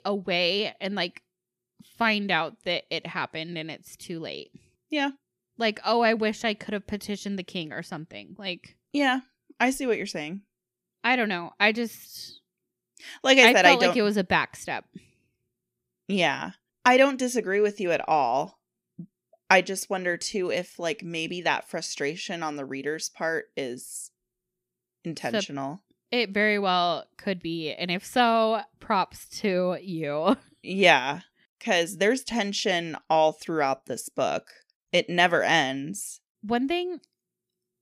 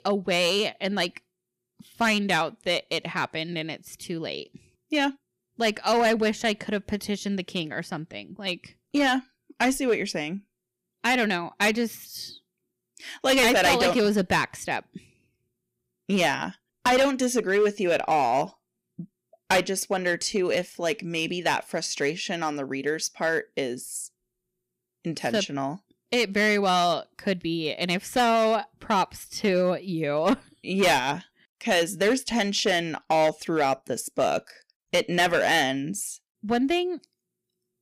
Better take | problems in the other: first | distortion; heavy; 5% of the sound clipped

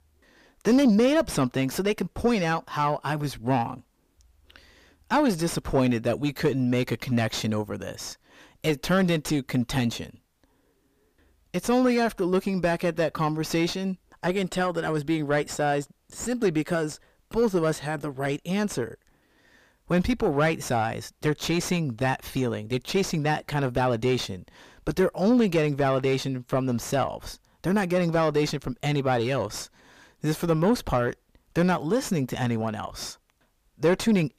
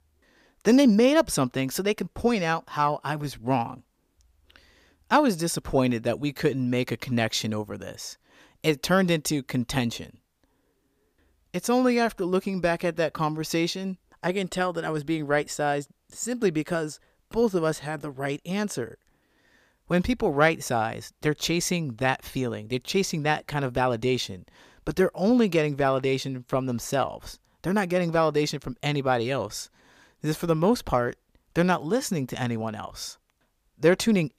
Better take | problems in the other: second | distortion; slight; 10 dB below the speech

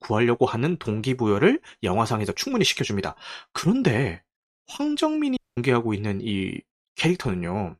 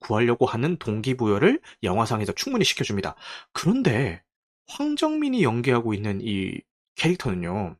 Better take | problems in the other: second | audio cutting out; at 5.5 s

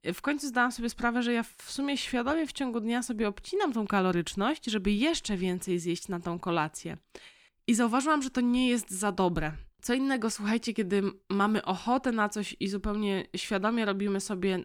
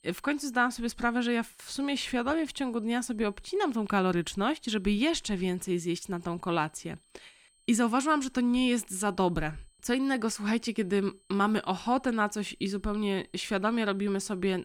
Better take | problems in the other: first | high-pitched whine; faint; throughout; 8 kHz, 35 dB below the speech

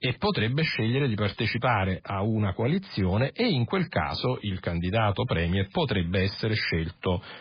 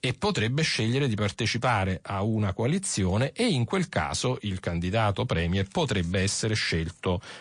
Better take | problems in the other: second | garbled, watery; badly; nothing above 5 kHz; slightly in the second

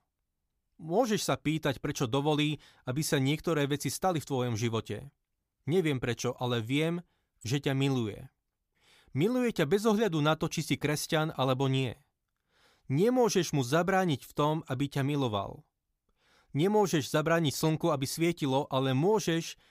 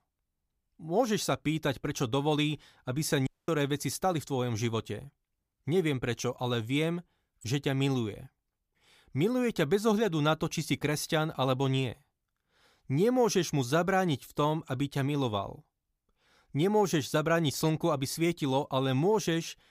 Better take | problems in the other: first | audio cutting out; at 3.5 s

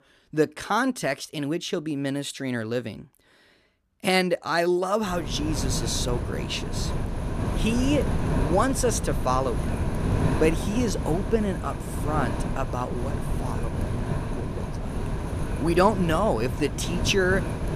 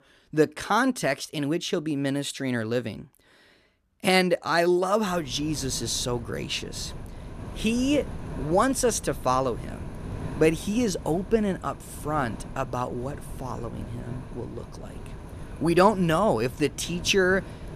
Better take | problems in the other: second | wind noise on the microphone; heavy; from 5 s on; 8 dB below the speech; occasional gusts in the second

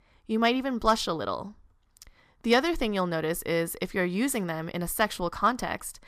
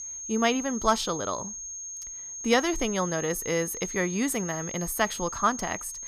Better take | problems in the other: first | high-pitched whine; loud; throughout; 6.5 kHz, 7 dB below the speech

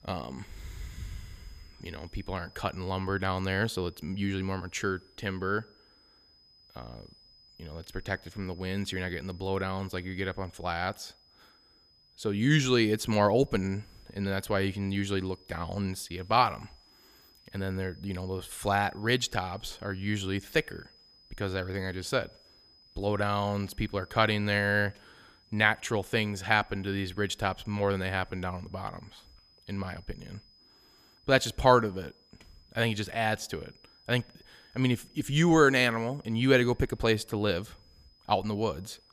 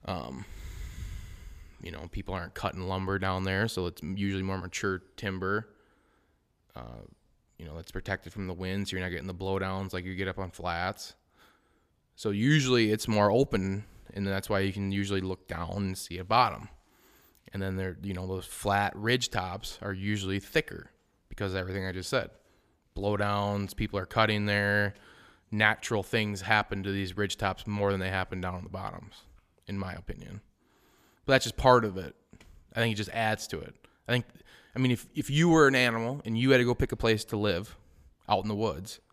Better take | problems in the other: second | high-pitched whine; faint; throughout; 5 kHz, 30 dB below the speech

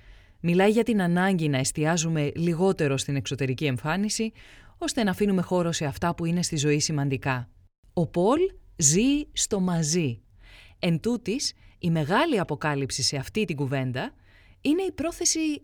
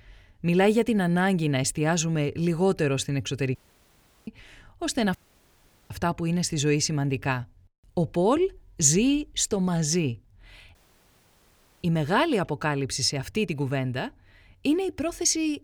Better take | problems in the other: first | audio cutting out; at 3.5 s for 0.5 s, at 5 s for 1 s and at 11 s for 1 s

